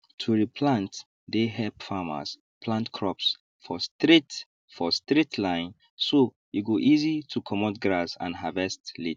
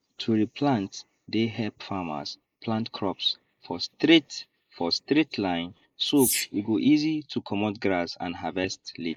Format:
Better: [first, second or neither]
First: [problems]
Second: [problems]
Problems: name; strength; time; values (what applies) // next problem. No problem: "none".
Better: first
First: none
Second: noise reduction (neural mask model Resemble Enhance denoiser)